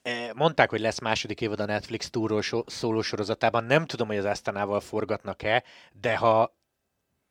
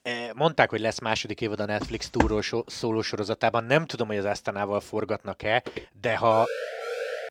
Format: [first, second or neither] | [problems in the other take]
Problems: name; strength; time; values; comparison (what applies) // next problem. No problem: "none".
first | footsteps; noticeable; at 2 s; peak 1 dB below the speech // footsteps; faint; at 5.5 s; peak 15 dB below the speech // siren; noticeable; from 6.5 s on; peak 5 dB below the speech